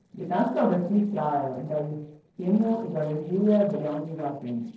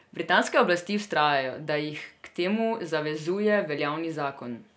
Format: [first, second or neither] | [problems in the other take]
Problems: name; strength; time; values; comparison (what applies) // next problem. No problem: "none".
second | noise reduction (neural separator model SepFormer DNS4)